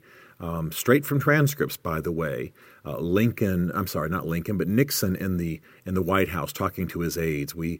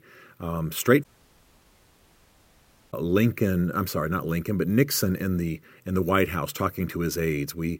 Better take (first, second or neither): first